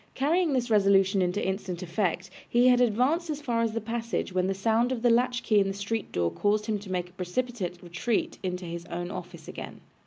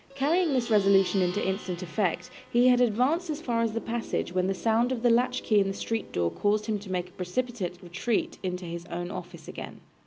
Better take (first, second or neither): first